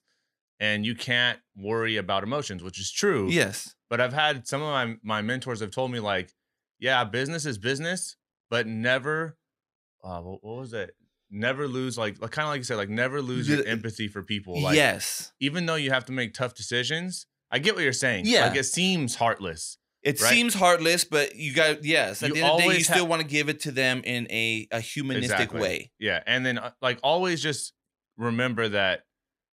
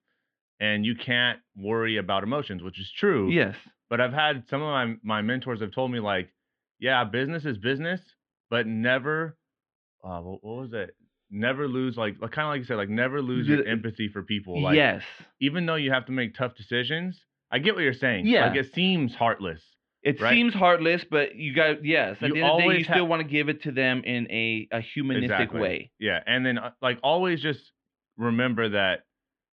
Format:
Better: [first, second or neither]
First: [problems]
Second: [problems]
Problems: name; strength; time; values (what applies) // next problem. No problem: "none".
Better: first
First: none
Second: muffled; very; fading above 3 kHz